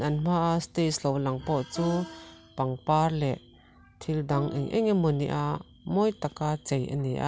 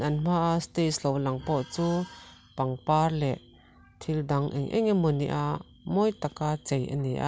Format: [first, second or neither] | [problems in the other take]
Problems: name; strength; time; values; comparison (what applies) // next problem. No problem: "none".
second | background sound (Plucked string instrument); 17 dB below the speech